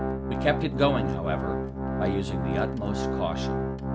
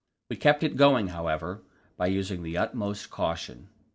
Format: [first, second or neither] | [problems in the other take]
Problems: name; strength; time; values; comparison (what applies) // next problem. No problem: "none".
second | background sound (Organ); 2 dB above the speech